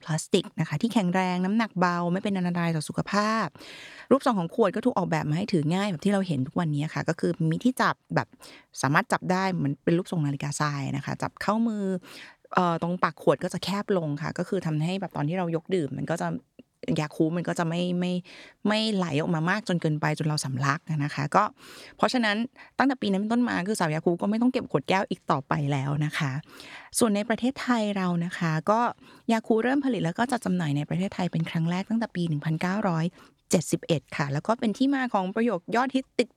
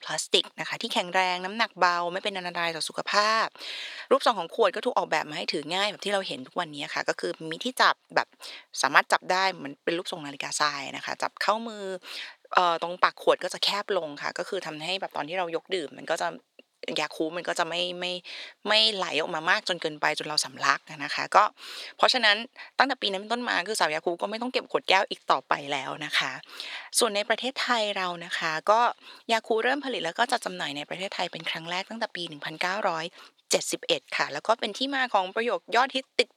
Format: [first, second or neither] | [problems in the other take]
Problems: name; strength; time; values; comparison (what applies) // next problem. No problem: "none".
first | thin; very; fading below 550 Hz